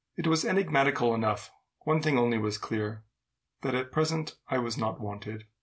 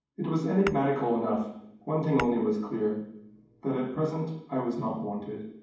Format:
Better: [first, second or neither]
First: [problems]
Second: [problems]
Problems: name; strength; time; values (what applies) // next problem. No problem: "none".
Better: first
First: none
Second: background sound (Tap / Glass); 14 dB below the speech // room echo; dies away in 1.2 s